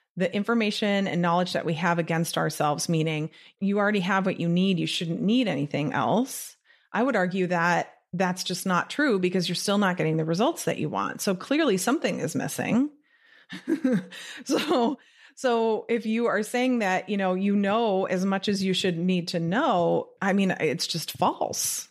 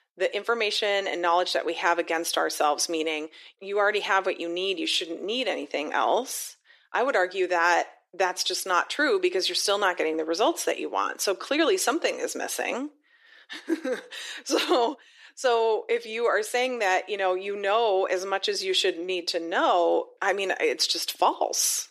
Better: first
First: none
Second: thin; very; fading below 350 Hz

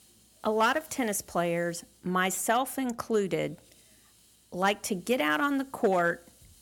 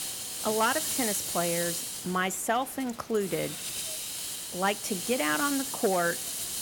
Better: first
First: hiss; faint; throughout; 30 dB below the speech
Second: hiss; loud; throughout; 2 dB below the speech

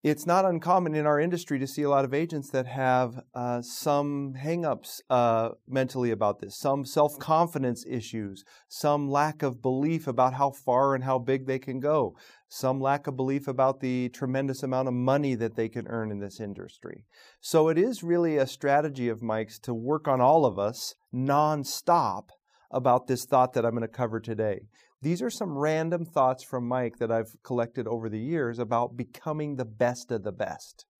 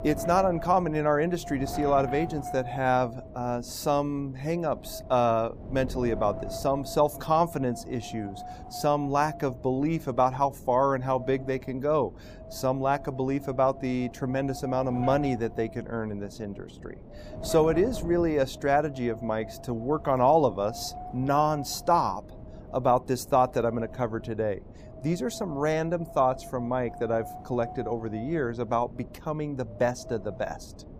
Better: first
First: none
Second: wind noise on the microphone; occasional gusts; 15 dB below the speech

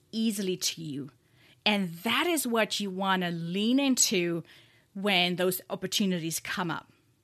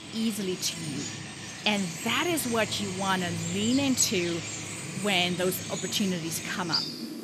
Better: first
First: none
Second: animal sounds; loud; throughout; 6 dB below the speech

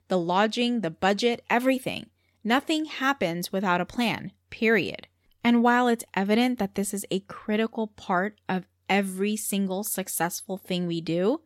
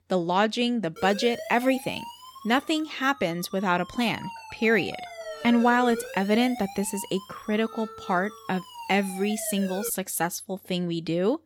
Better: first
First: none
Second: siren; noticeable; from 1 to 10 s; peak 8 dB below the speech

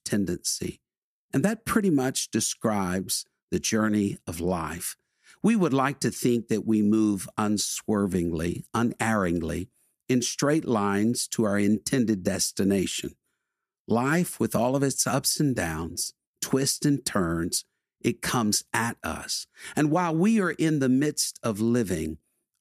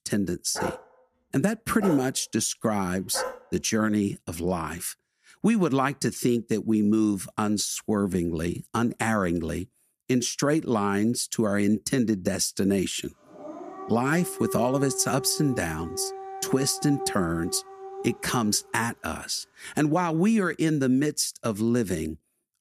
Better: first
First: none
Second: dog barking; noticeable; from 0.5 to 3.5 s and from 13 to 19 s; peak 7 dB below the speech

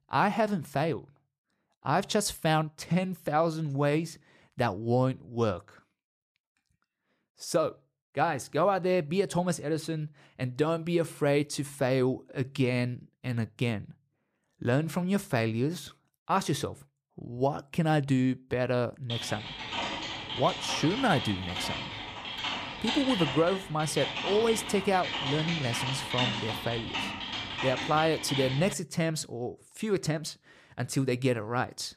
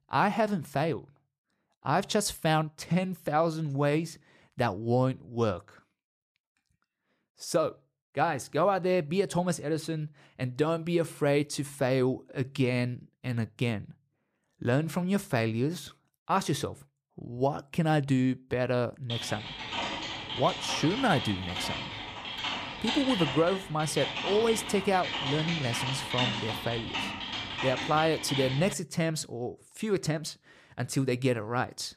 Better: neither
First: keyboard typing; loud; from 19 to 29 s; peak level with the speech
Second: keyboard typing; loud; from 19 to 29 s; peak level with the speech

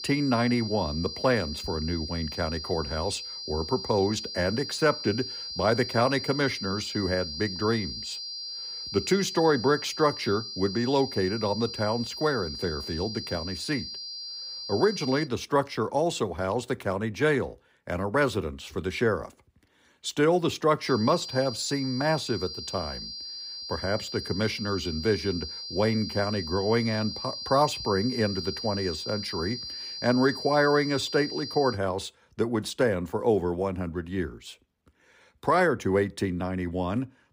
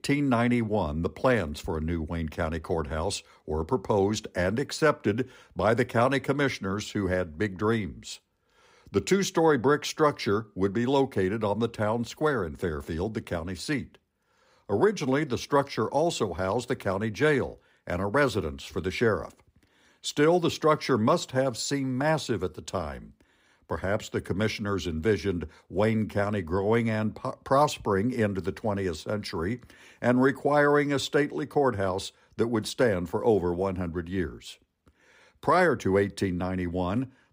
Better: second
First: high-pitched whine; loud; until 15 s and from 21 to 32 s; 5 kHz, 7 dB below the speech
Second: none

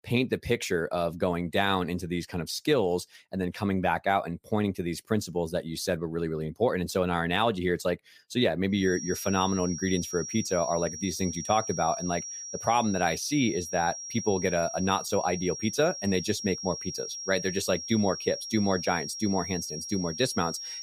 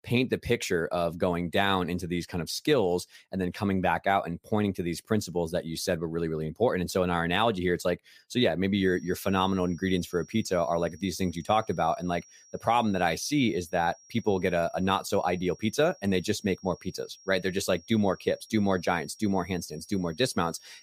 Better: second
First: high-pitched whine; loud; from 9 s on; 5.5 kHz, 7 dB below the speech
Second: high-pitched whine; faint; from 9 s on; 5.5 kHz, 25 dB below the speech

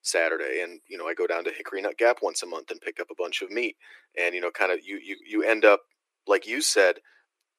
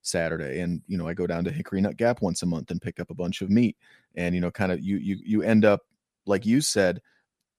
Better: second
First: thin; very; fading below 300 Hz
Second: none

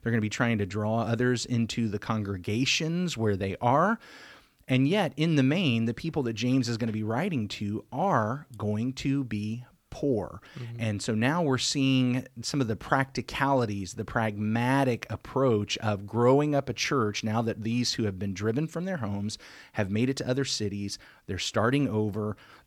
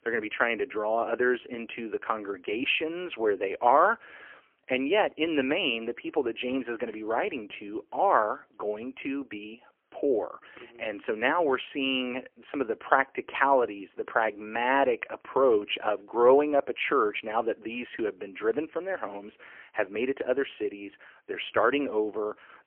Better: first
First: none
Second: phone-call audio; poor line; nothing above 3 kHz

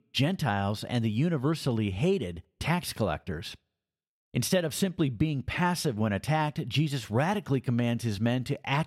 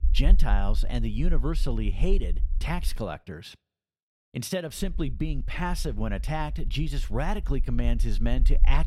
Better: first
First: none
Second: low rumble; faint; until 3 s and from 5 s on; 20 dB below the speech

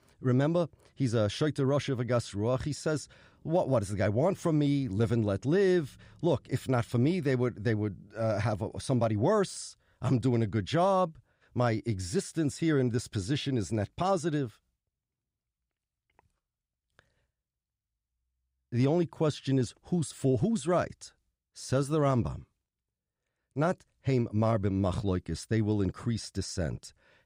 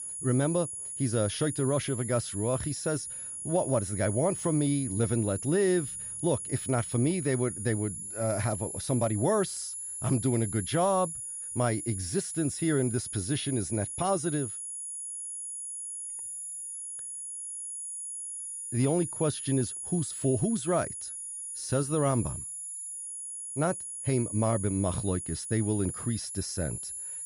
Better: first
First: none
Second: high-pitched whine; loud; throughout; 10.5 kHz, 5 dB below the speech

